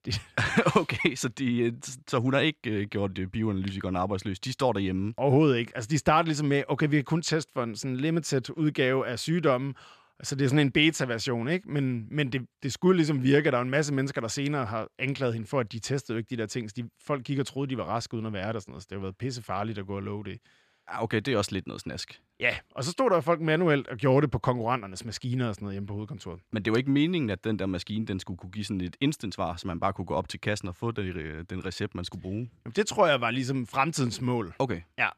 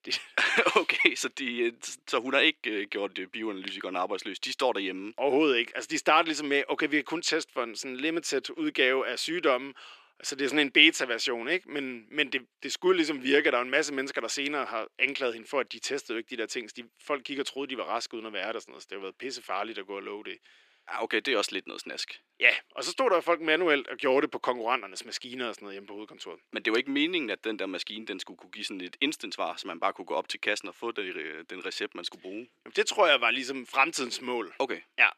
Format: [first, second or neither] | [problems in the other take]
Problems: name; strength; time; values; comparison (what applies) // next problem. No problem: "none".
first | thin; somewhat; fading below 350 Hz